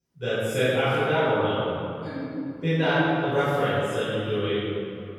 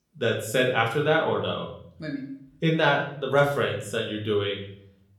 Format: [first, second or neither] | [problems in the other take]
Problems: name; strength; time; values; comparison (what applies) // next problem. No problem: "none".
second | room echo; strong; dies away in 2.5 s; slight in the second // off-mic speech; far; somewhat distant in the second